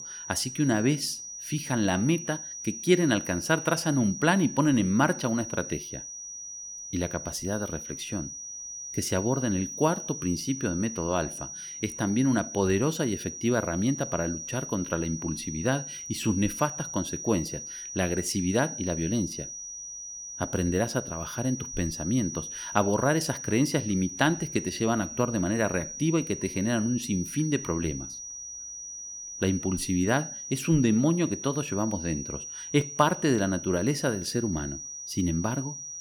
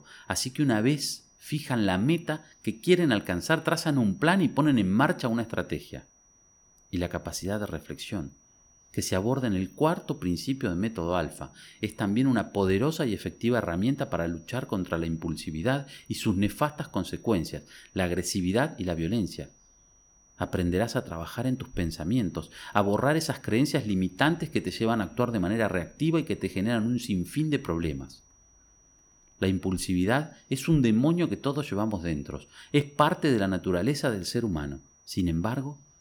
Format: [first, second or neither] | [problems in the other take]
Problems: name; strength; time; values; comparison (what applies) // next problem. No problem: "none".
second | high-pitched whine; loud; throughout; 6 kHz, 8 dB below the speech; faint in the second